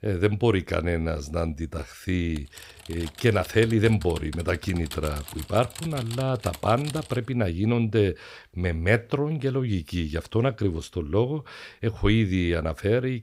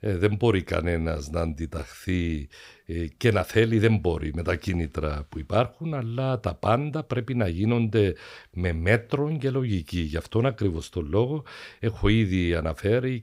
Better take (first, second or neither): second